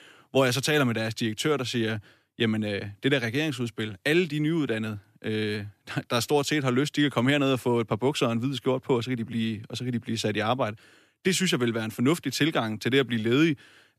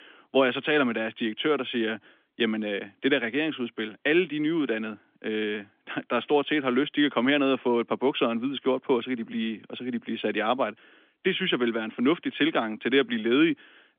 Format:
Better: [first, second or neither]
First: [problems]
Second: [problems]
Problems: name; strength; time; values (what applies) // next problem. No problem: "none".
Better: first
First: none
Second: phone-call audio; nothing above 3.5 kHz